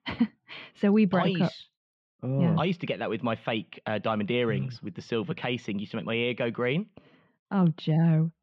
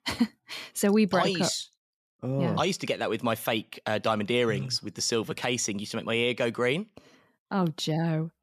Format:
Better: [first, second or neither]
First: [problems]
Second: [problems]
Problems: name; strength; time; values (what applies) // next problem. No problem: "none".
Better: second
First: muffled; very; fading above 3 kHz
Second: none